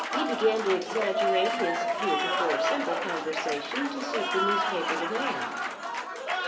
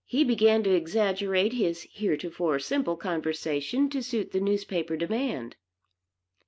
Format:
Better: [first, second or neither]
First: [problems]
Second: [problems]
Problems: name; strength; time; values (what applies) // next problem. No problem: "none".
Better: second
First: background sound (Applause); 2 dB above the speech // room echo; dies away in 2.6 s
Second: none